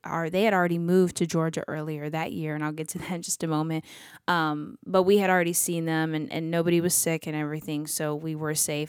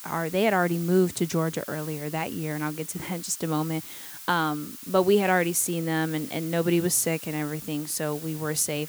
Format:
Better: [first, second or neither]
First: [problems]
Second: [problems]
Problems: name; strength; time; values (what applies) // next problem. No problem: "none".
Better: first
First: none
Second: hiss; noticeable; throughout; 15 dB below the speech